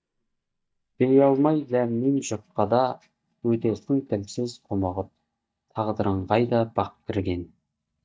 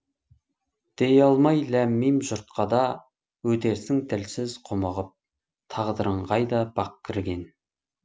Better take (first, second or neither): second